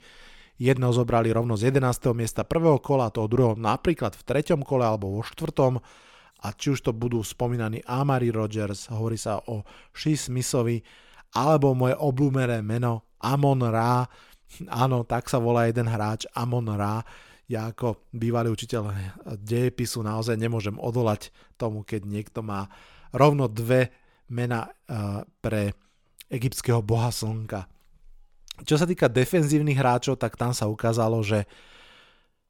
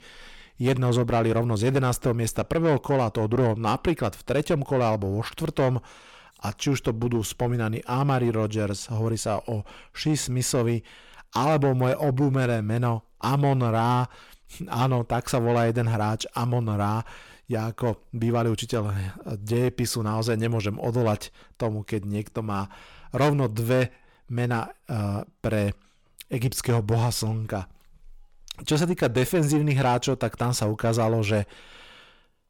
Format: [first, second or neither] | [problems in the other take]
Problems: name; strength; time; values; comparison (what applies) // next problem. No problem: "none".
first | distortion; slight; 10 dB below the speech